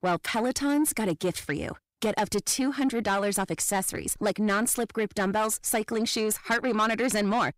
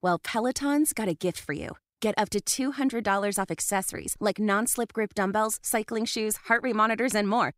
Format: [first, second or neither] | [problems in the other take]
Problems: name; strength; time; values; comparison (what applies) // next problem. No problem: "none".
second | distortion; slight; 10 dB below the speech